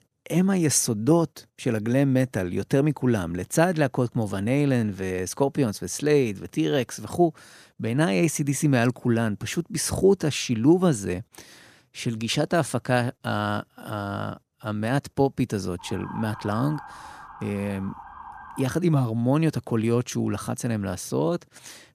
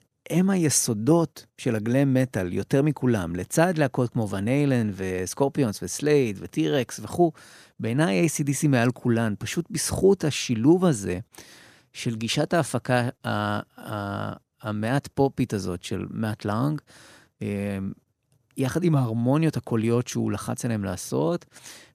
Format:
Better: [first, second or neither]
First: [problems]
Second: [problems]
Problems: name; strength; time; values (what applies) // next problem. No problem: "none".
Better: second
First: siren; faint; from 16 to 19 s; peak 15 dB below the speech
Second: none